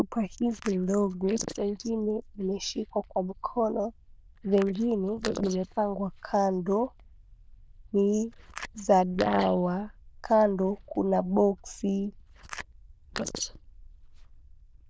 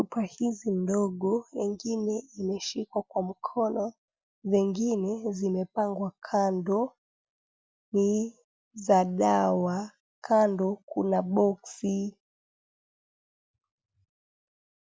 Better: second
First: noise reduction (neural diffusion model UNIVERSE++)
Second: none

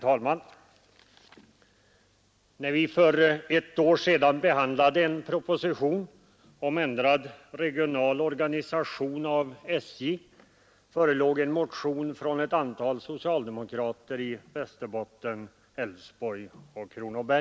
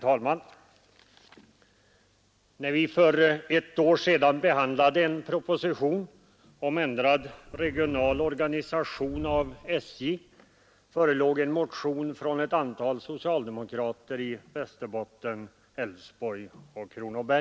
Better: first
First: none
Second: background sound (Livestock, farm animals, working animals); 16 dB below the speech

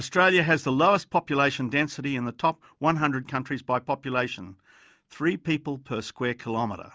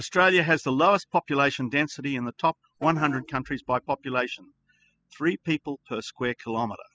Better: first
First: none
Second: noise reduction (classical method spectral subtraction)

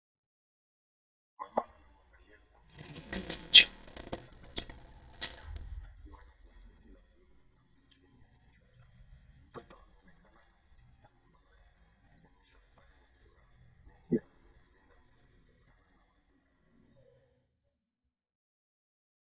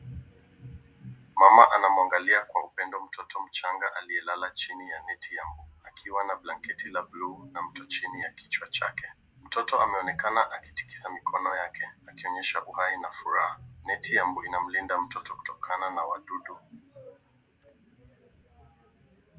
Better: second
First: noise reduction (neural mask model DeepFilterNet 3)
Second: none

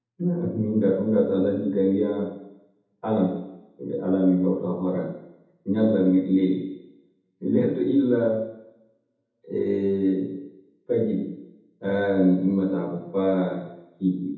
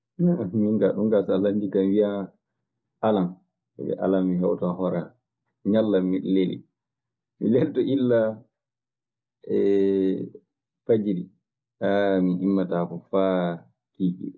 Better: second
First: room echo; dies away in 0.8 s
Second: none

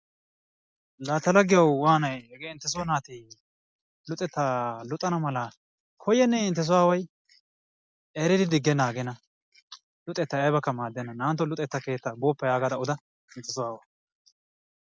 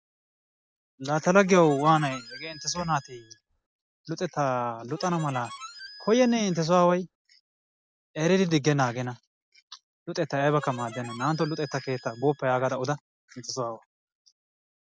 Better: first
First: none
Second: background sound (Harmonica); 17 dB below the speech

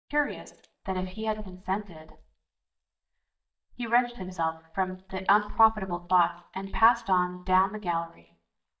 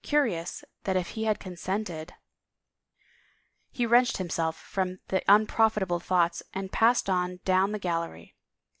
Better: second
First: noise reduction (neural mask model DeepFilterNet 3)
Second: none

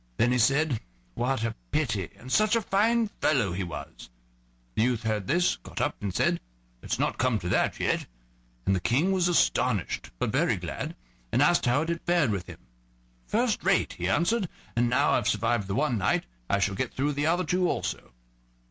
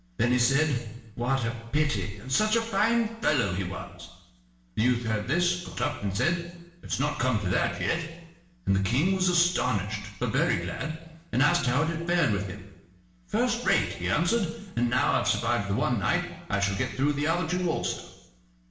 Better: first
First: none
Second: room echo; dies away in 0.9 s

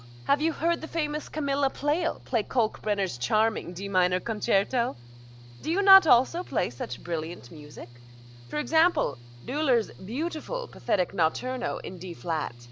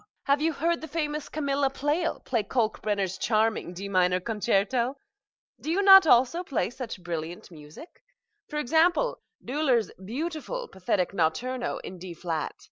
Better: second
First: background sound (Mechanical fan / Engine); 19 dB below the speech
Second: none

